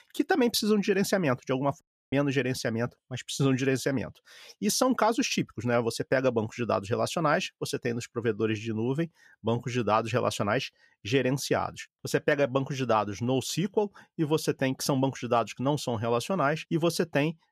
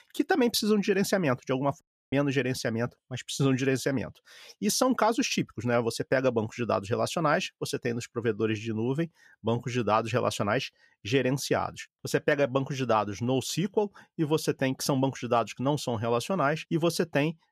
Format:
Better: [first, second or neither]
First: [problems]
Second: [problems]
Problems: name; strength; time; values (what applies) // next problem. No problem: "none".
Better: neither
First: audio cutting out; at 2 s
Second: audio cutting out; at 2 s